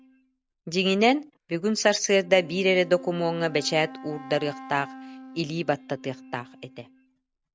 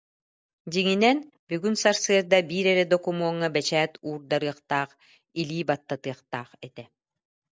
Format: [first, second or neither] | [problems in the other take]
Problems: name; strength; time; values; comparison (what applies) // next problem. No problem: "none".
second | background sound (Wind instrument, woodwind instrument); 18 dB below the speech